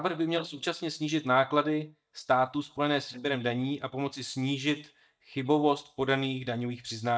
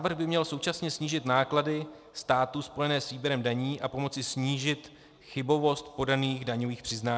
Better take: second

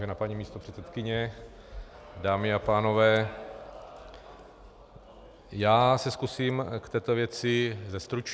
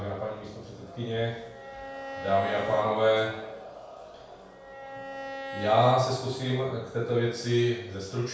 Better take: first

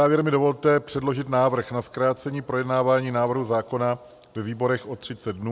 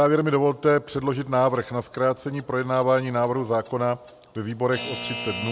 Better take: first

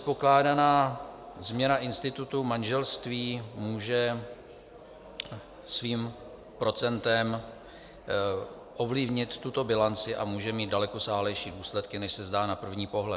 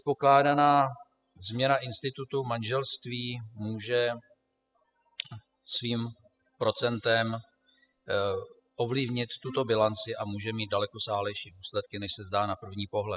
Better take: first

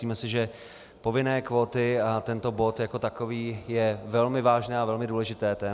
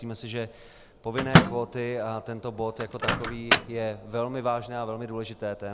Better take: first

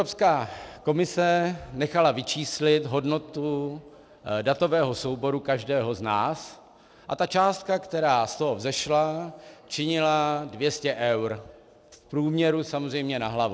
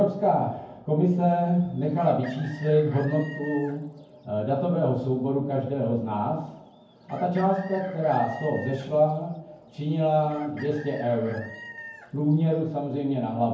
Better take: first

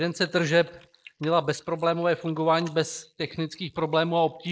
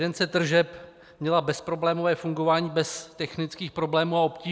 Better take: second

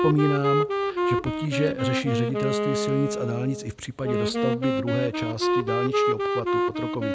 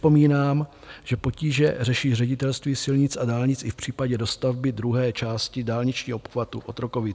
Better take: second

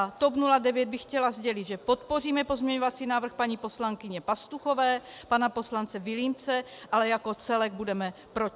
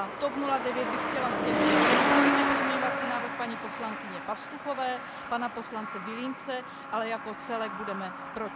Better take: first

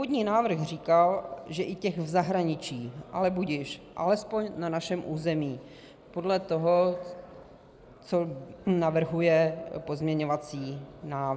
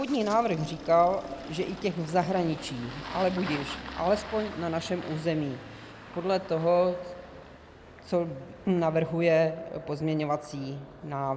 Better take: first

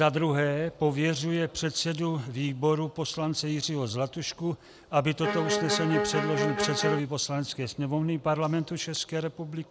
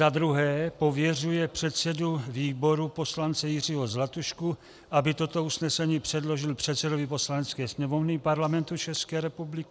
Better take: second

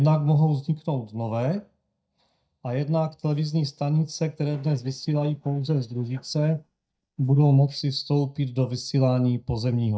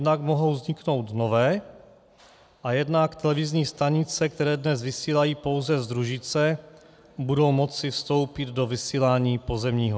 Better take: second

